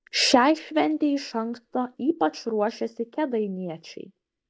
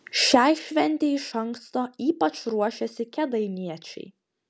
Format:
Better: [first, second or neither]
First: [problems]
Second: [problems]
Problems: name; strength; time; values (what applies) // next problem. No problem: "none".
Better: second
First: noise reduction (neural mask model DeepFilterNet 3)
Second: none